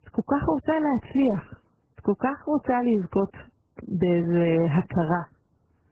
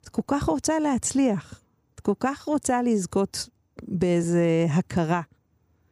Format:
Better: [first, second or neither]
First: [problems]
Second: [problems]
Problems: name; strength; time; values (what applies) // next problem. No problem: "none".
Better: second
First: garbled, watery; badly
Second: none